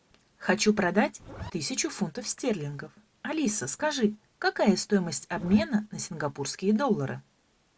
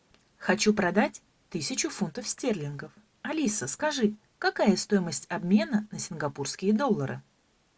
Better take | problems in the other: second | background sound (Zipper (clothing)); 11 dB below the speech

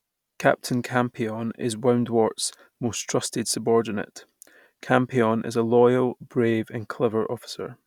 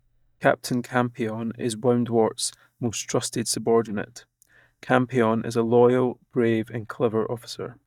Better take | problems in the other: first | noise reduction (neural mask model DeepFilterNet 3)

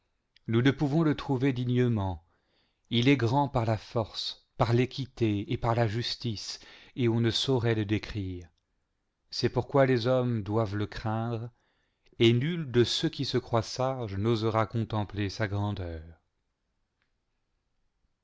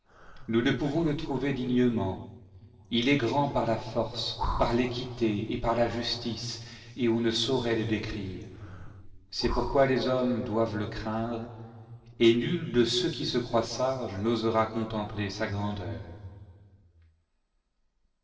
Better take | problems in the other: first | noise reduction (neural separator model SepFormer DNS4)

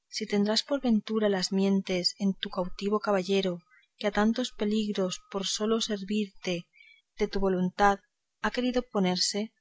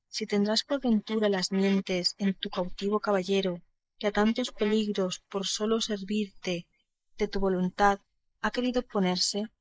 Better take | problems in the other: first | noise reduction (neural mask model Resemble Enhance denoiser)

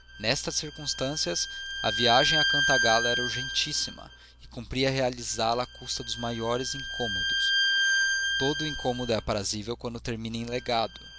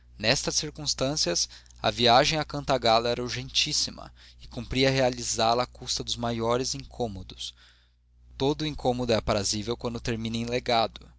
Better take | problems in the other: second | background sound (Bowed string instrument); 1 dB below the speech

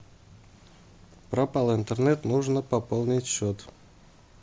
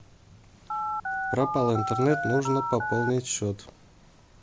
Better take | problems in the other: first | background sound (Telephone); 2 dB below the speech

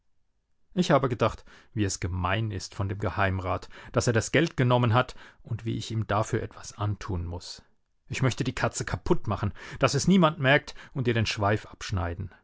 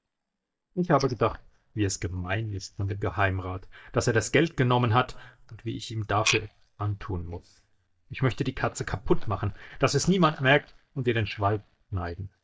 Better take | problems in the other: first | noise reduction (neural mask model DeepFilterNet 3)

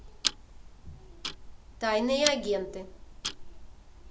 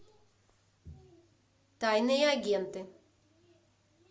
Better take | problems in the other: second | background sound (Tick-tock); 5 dB below the speech

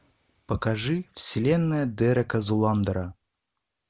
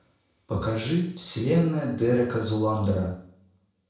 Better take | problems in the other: first | room echo; dies away in 0.6 s

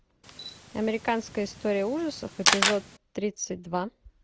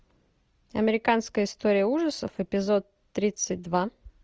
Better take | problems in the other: second | background sound (Camera); as loud as the speech

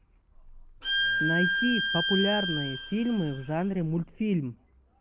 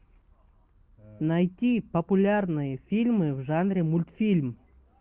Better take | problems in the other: second | background sound (Bowed string instrument); 1 dB below the speech

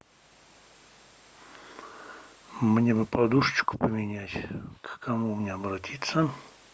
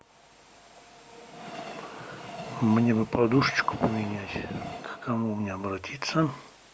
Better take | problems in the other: first | background sound (Train); 14 dB below the speech

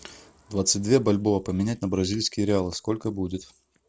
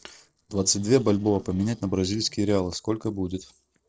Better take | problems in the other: first | noise reduction (neural separator model SepFormer DNS4)

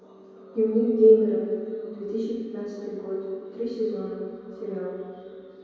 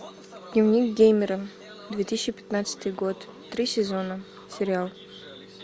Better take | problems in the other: second | room echo; dies away in 2.2 s

